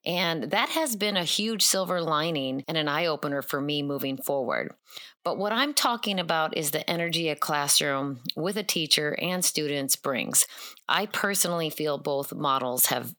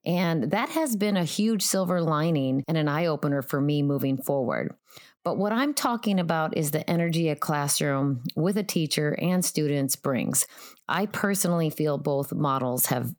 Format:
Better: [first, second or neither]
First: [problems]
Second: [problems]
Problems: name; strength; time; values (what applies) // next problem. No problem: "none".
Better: second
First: thin; very slightly; fading below 1 kHz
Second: none